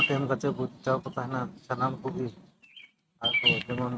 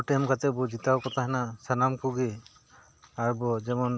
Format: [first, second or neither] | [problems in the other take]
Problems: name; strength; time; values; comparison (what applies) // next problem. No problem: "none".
second | noise reduction (neural mask model RNNoise)